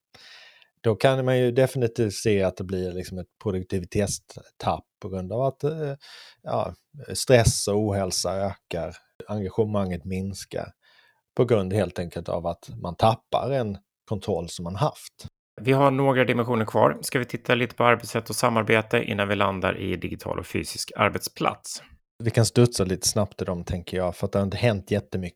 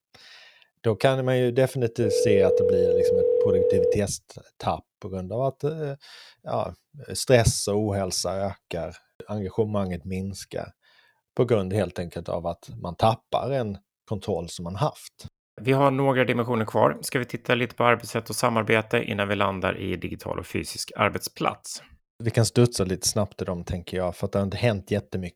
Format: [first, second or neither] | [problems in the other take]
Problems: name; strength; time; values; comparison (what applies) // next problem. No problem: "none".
first | phone ringing; loud; from 2 to 4 s; peak 5 dB above the speech